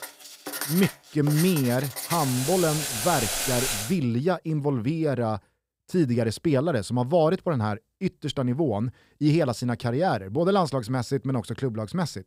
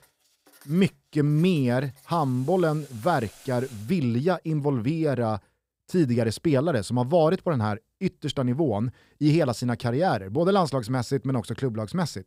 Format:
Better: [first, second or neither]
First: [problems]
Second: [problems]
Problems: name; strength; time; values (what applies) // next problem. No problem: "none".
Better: second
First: household noises; loud; until 4 s; 3 dB below the speech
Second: household noises; faint; until 4 s; 25 dB below the speech